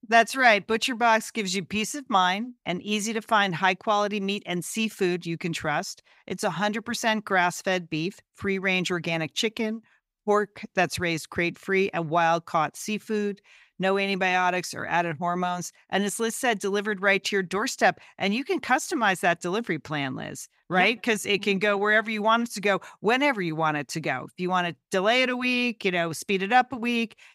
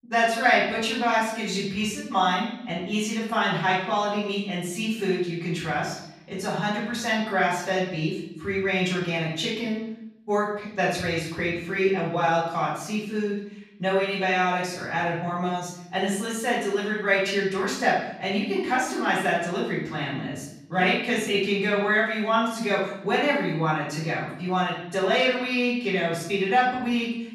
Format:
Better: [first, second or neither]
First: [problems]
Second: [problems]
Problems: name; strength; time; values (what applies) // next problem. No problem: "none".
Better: first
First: none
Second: room echo; noticeable; dies away in 0.8 s // off-mic speech; far